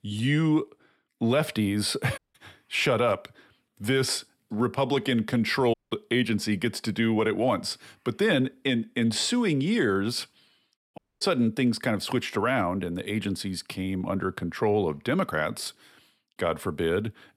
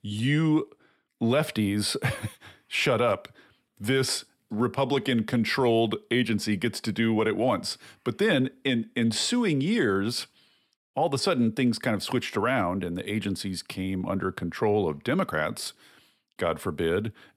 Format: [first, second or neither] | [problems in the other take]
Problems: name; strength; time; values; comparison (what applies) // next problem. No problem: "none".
second | audio cutting out; at 2 s, at 5.5 s and at 11 s